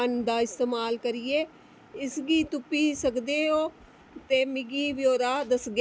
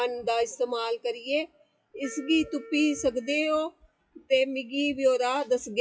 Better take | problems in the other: first | noise reduction (classical method WPE with log-MMSE)

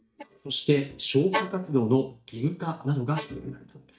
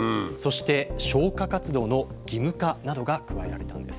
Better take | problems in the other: second | noise reduction (neural mask model DeepFilterNet 3)

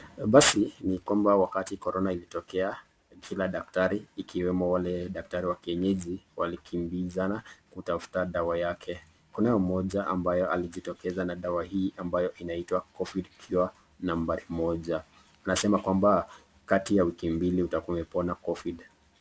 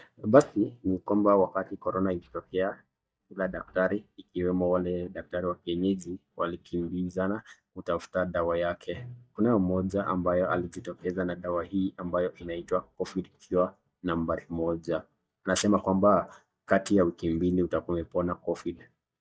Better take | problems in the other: first | noise reduction (neural mask model DeepFilterNet 3)

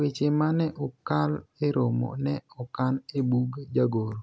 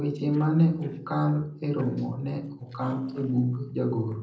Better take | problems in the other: first | noise reduction (neural separator model SepFormer DNS4)

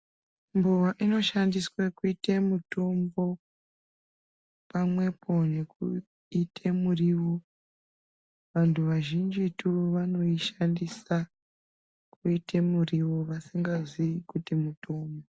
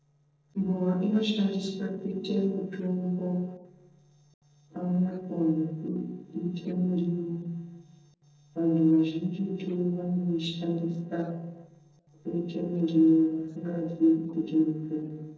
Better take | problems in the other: first | noise reduction (neural separator model SepFormer DNS4)

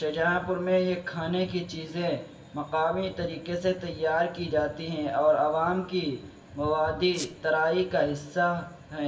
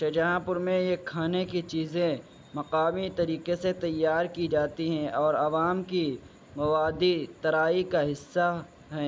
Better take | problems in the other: second | background sound (Squeak); 13 dB below the speech // room echo; dies away in 0.8 s

